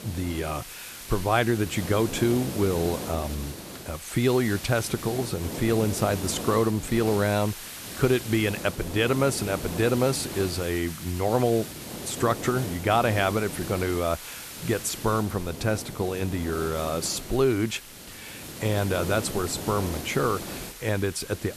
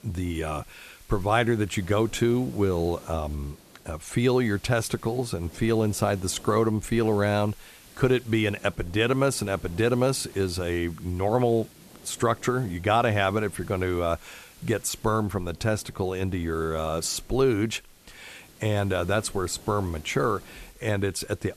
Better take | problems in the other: second | hiss; loud; throughout; 10 dB below the speech; faint in the second

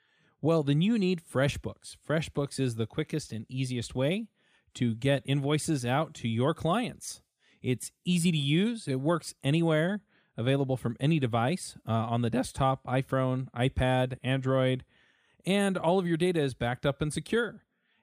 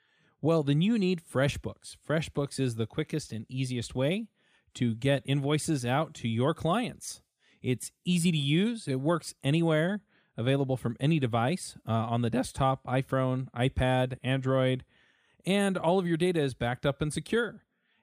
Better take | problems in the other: neither | none

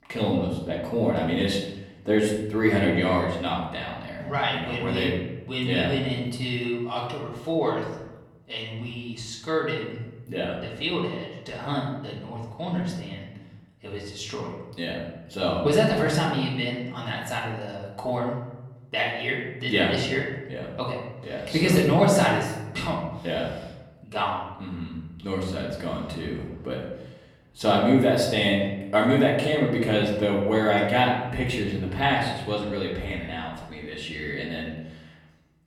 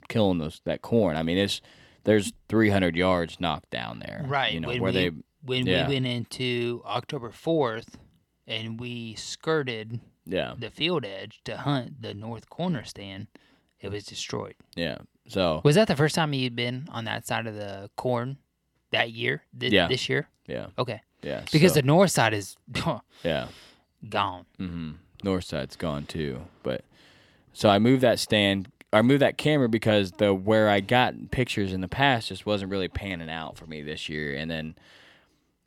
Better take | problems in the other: second | off-mic speech; far // room echo; noticeable; dies away in 0.9 s

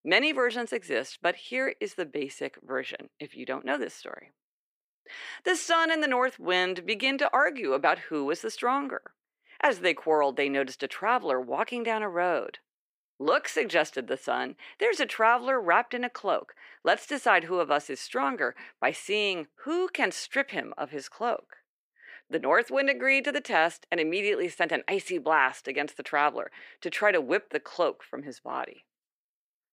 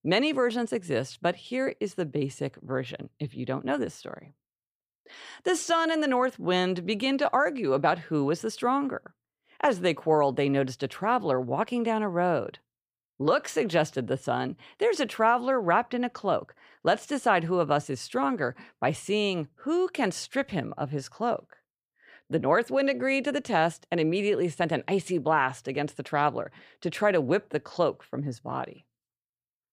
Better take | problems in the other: second | thin; somewhat; fading below 300 Hz

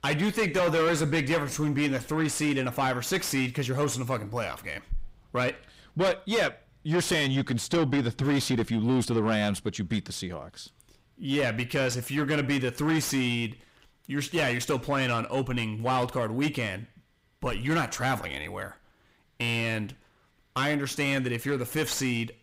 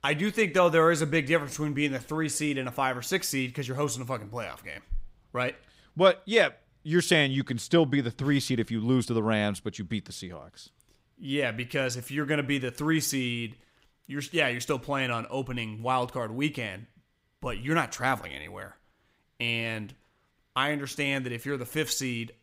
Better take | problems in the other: second | distortion; heavy; 6 dB below the speech

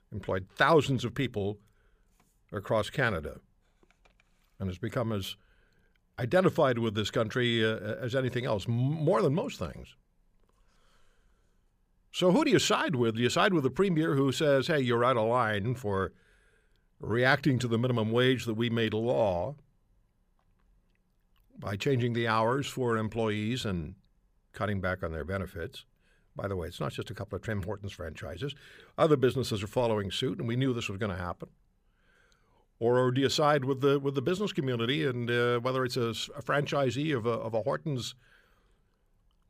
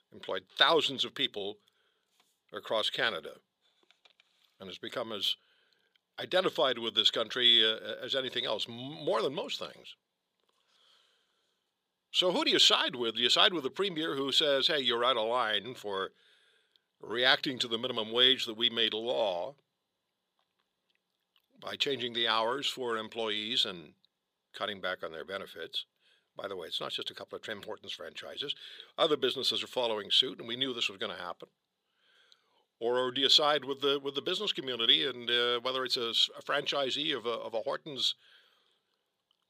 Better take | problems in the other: first | thin; somewhat; fading below 350 Hz

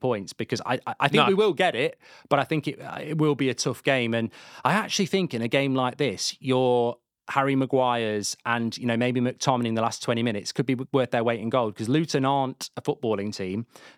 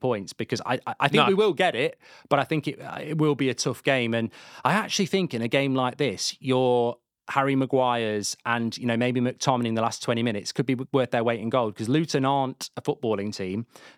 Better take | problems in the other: neither | none

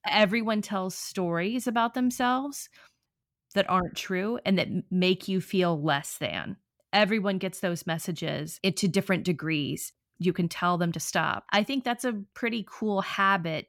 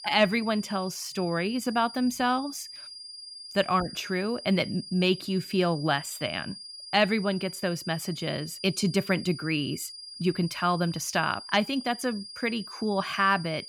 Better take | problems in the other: first | high-pitched whine; noticeable; throughout; 5 kHz, 10 dB below the speech

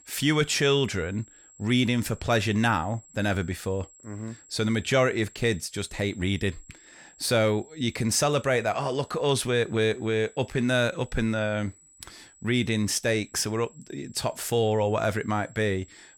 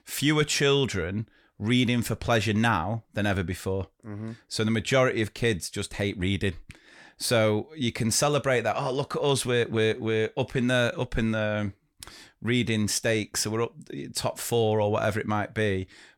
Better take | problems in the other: second | high-pitched whine; faint; throughout; 7.5 kHz, 25 dB below the speech

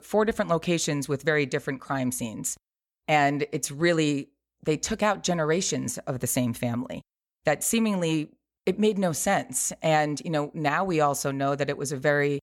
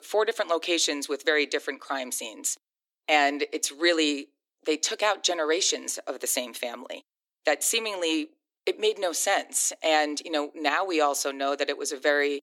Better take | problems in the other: first | thin; somewhat; fading below 300 Hz

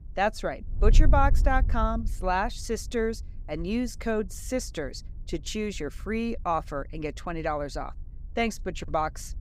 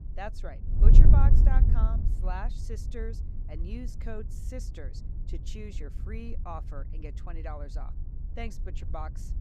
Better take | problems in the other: first | wind noise on the microphone; heavy; 3 dB below the speech; occasional gusts in the first

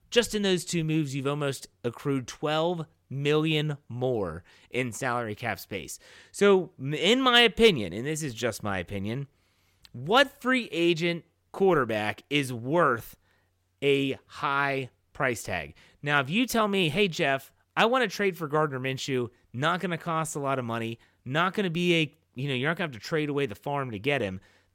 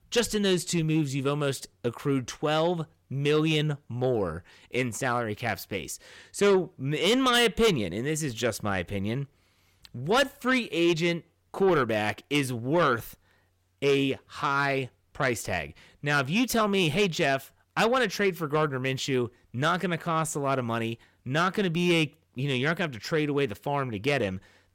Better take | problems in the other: first | distortion; slight; 10 dB below the speech

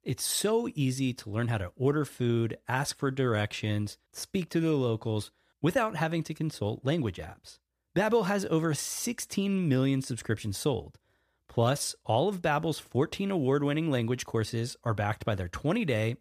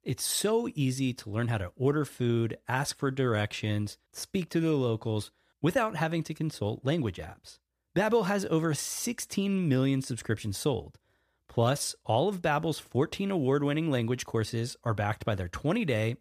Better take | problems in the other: neither | none

